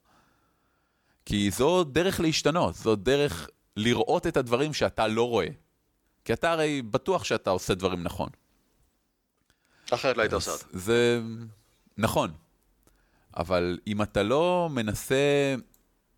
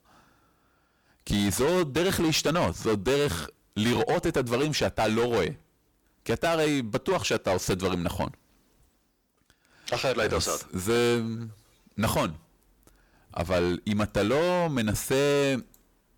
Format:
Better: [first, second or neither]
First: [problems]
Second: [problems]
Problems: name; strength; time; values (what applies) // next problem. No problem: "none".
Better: first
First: none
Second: distortion; heavy; 13% of the sound clipped